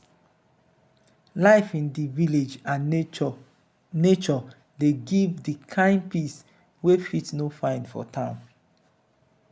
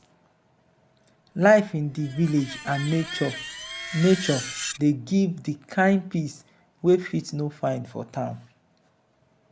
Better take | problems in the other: first | background sound (Screech); 11 dB below the speech

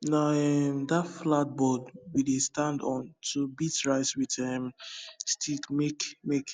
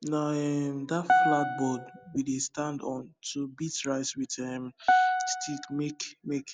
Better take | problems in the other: first | background sound (Piano); 4 dB above the speech

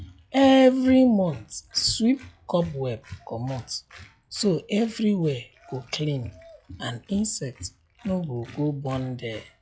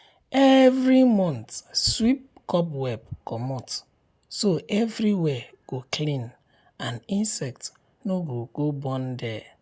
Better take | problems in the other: second | noise reduction (classical method log-MMSE)

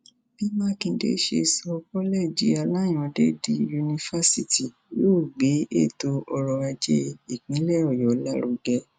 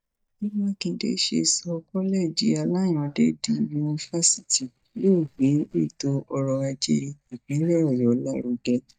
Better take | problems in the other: first | noise reduction (neural mask model DeepFilterNet 3)

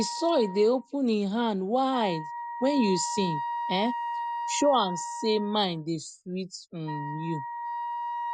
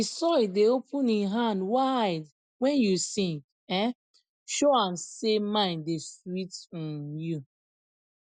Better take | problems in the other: second | background sound (Wind instrument, woodwind instrument); 7 dB below the speech

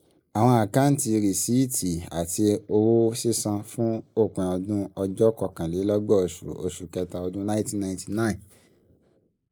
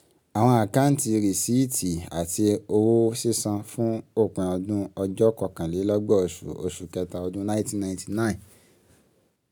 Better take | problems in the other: second | noise reduction (neural mask model Resemble Enhance denoiser)

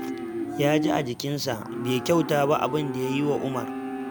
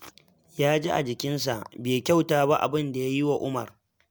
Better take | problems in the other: second | background sound (Livestock, farm animals, working animals); 6 dB below the speech

